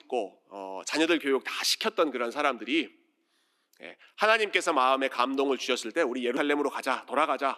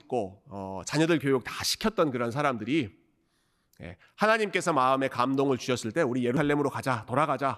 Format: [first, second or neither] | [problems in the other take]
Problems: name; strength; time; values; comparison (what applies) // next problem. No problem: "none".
second | thin; very slightly; fading below 250 Hz